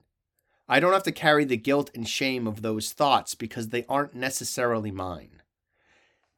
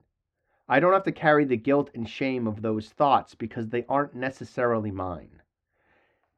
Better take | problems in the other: first | muffled; very; fading above 1.5 kHz

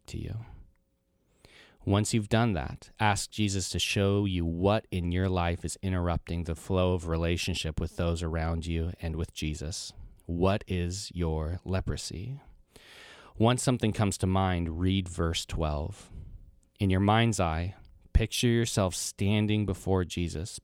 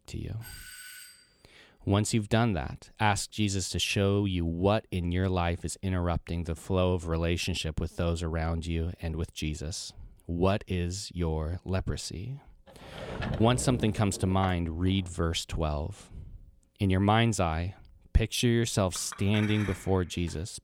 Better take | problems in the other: first | doorbell; faint; at 0.5 s; peak 15 dB below the speech // door banging; noticeable; from 13 to 15 s; peak 5 dB below the speech // clattering dishes; noticeable; from 19 s on; peak 9 dB below the speech

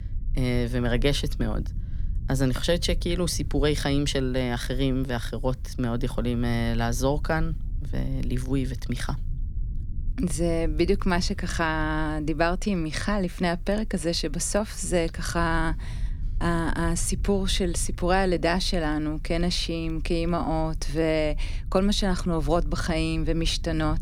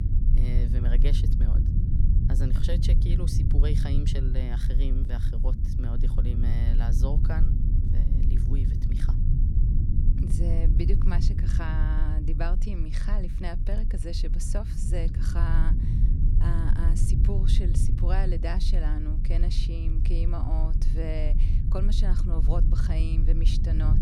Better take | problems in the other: first | low rumble; loud; throughout; 3 dB below the speech; faint in the first

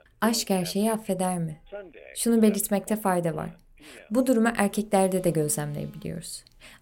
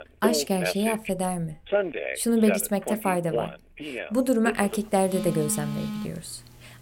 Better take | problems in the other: first | alarms or sirens; loud; throughout; 6 dB below the speech; faint in the first

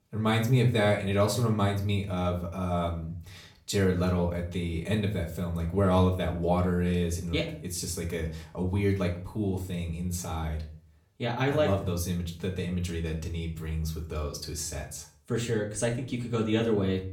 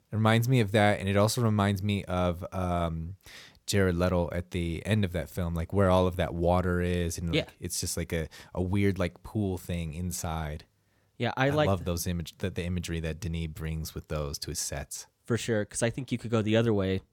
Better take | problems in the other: second | room echo; slight; dies away in 0.4 s // off-mic speech; far

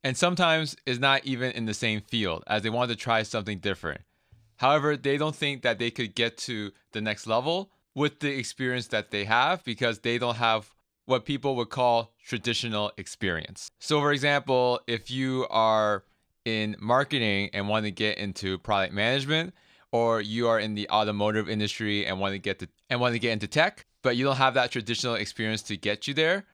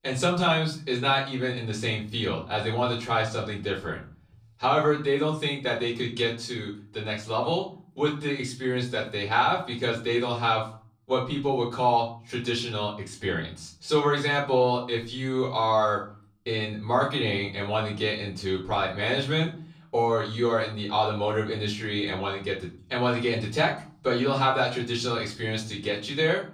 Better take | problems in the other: first | off-mic speech; far // room echo; slight; dies away in 0.4 s

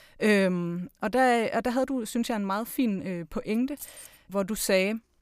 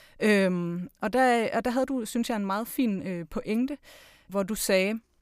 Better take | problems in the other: second | jangling keys; faint; at 4 s; peak 15 dB below the speech

